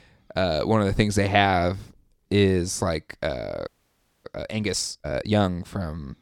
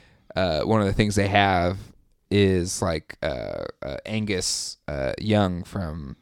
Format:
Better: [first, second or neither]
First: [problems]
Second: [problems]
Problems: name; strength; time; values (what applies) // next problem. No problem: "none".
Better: second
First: audio freezing; at 3.5 s for 0.5 s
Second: none